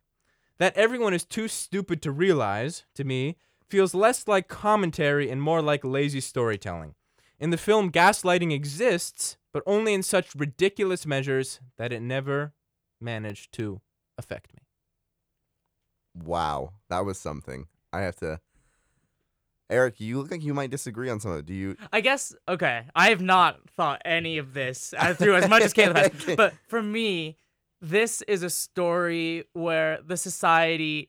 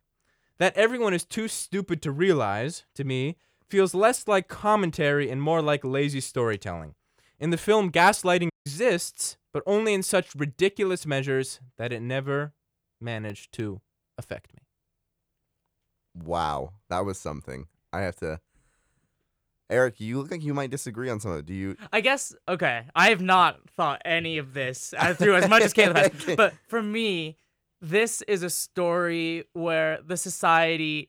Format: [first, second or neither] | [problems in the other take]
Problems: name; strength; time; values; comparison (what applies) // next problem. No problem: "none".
first | audio cutting out; at 8.5 s